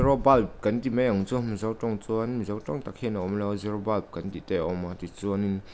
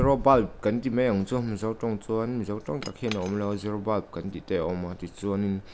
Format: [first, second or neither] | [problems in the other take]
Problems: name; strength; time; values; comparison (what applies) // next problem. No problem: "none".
first | background sound (Cutlery, silverware / Chink, clink); 19 dB below the speech